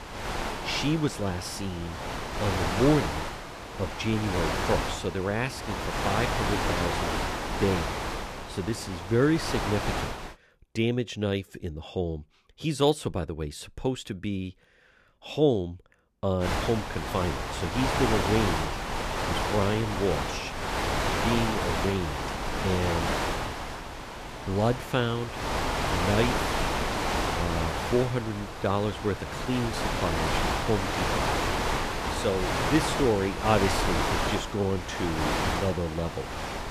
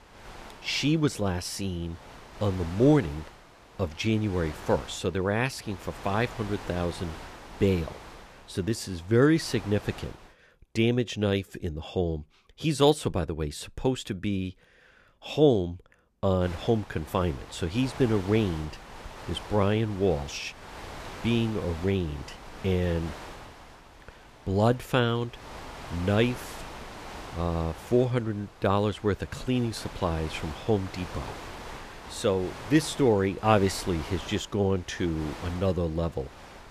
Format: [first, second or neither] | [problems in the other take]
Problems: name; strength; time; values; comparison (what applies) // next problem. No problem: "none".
second | wind noise on the microphone; heavy; until 10 s and from 16 s on; 2 dB above the speech; occasional gusts in the second